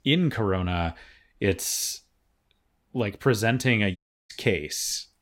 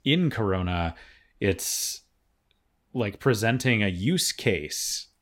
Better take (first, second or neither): second